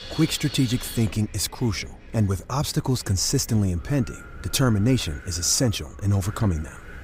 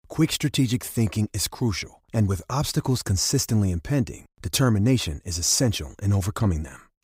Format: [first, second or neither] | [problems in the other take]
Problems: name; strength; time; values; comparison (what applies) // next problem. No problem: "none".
second | wind in the background; noticeable; throughout; 15 dB below the speech